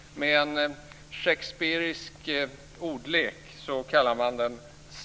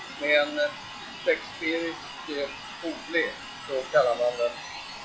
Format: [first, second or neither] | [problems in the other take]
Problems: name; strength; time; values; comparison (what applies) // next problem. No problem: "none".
first | noise reduction (classical method log-MMSE)